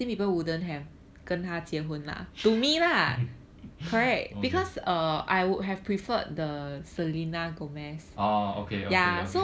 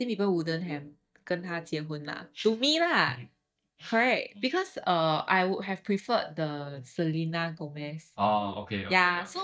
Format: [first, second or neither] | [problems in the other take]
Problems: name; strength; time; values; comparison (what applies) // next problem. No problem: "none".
first | noise reduction (neural mask model DeepFilterNet 3)